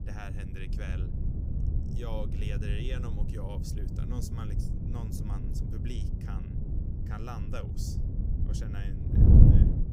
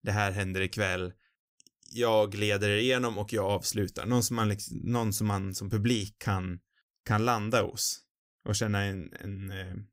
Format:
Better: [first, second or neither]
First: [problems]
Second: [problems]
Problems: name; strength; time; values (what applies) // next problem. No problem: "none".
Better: second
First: wind noise on the microphone; heavy; 3 dB above the speech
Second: none